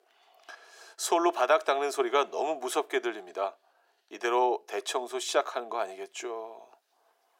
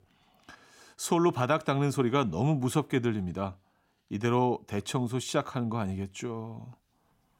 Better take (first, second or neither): second